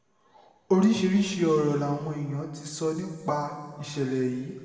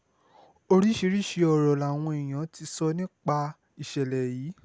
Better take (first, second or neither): second